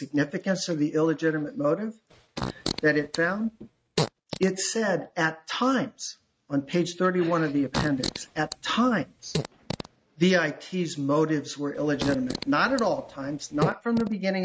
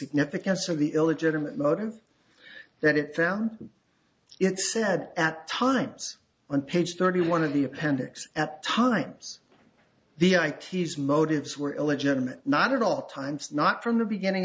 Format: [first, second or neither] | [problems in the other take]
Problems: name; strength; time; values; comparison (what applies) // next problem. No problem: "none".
second | noise reduction (neural mask model RNNoise)